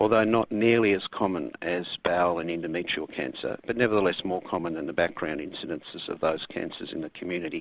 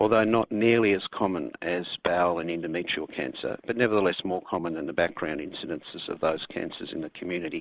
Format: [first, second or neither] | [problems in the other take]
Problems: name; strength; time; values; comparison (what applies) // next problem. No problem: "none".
first | noise reduction (neural mask model Resemble Enhance denoiser)